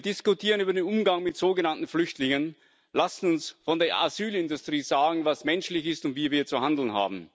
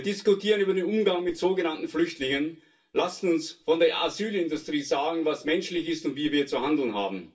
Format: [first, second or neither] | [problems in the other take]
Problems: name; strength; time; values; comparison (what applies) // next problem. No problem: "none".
first | room echo; dies away in 0.2 s